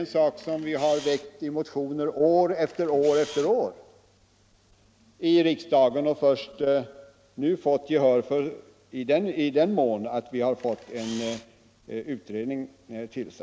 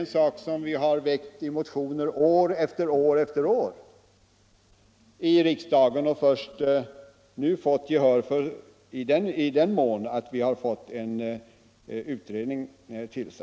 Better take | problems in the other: second | background sound (Camera); 17 dB below the speech

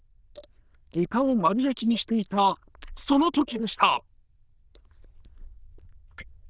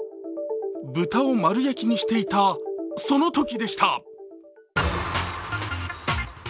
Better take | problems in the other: second | noise reduction (neural diffusion model UNIVERSE++)

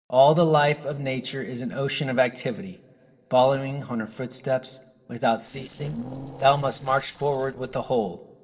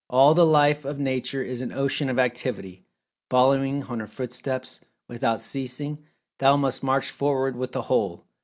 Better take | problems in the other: second | noise reduction (neural separator model SepFormer DNS4)

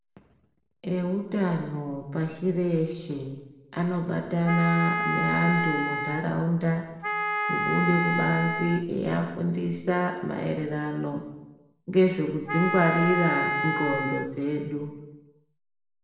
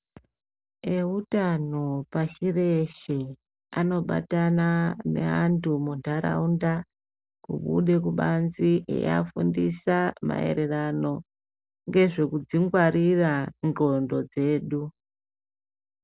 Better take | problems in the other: second | background sound (Wind instrument, woodwind instrument); 1 dB below the speech // room echo; dies away in 0.9 s

